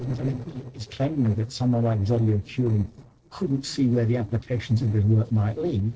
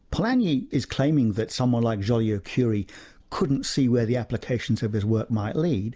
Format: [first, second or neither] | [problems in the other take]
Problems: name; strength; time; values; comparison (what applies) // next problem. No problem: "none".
second | noise reduction (neural separator model SepFormer DNS4)